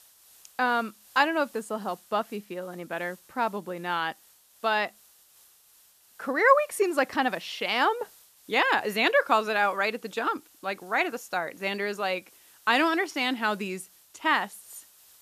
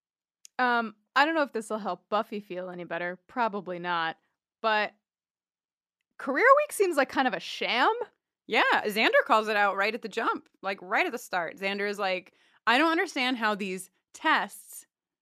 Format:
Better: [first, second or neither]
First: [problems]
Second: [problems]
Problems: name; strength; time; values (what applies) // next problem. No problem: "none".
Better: second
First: hiss; faint; throughout; 25 dB below the speech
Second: none